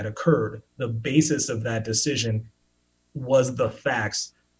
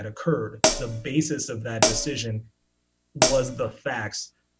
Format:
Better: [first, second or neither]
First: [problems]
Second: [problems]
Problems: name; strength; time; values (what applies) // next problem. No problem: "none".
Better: first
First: none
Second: background sound (Hi-hat); 5 dB above the speech